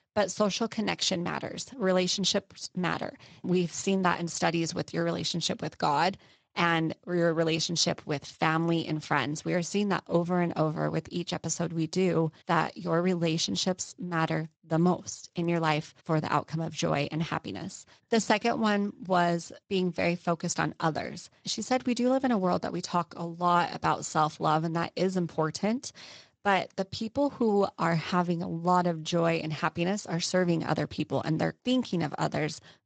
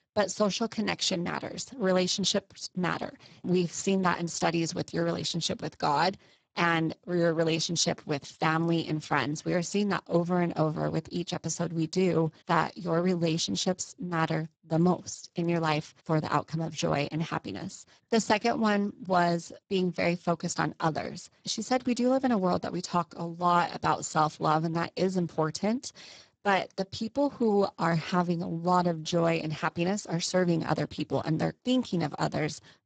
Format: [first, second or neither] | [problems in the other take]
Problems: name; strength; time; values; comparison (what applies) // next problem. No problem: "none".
first | garbled, watery; badly; nothing above 7.5 kHz; slightly in the first